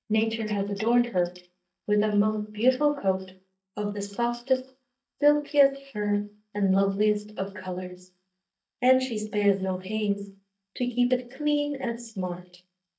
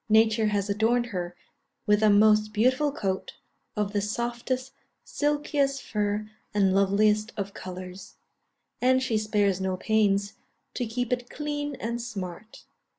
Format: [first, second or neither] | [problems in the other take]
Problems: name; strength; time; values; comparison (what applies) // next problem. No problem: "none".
second | noise reduction (neural mask model DeepFilterNet 3)